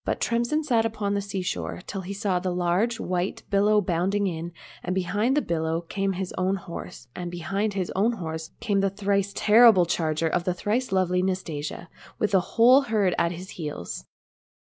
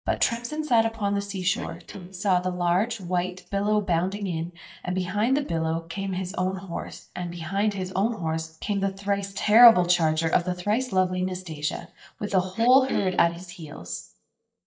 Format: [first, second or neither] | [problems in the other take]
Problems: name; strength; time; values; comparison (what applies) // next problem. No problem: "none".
first | noise reduction (neural mask model DeepFilterNet 3)